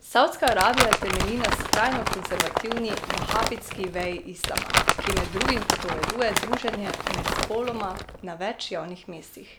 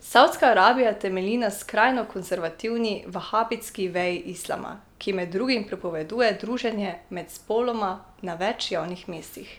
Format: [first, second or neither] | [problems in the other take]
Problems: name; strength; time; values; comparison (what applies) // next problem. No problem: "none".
second | background sound (Crumpling, crinkling); 1 dB above the speech